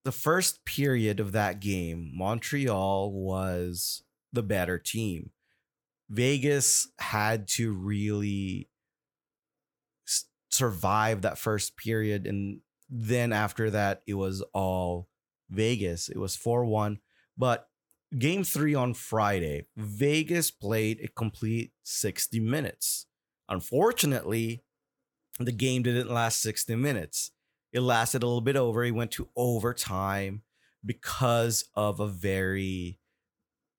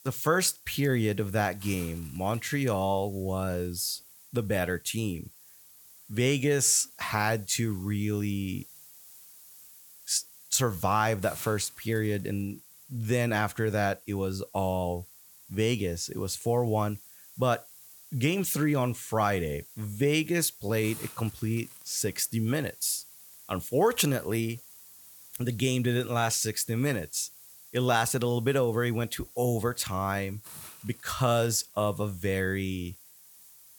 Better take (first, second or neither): first